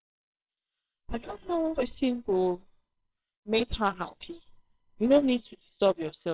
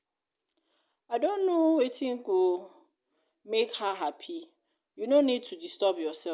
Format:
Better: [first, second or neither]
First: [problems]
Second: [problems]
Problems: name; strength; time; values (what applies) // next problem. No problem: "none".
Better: second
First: noise reduction (neural separator model SepFormer WHAMR!)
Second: none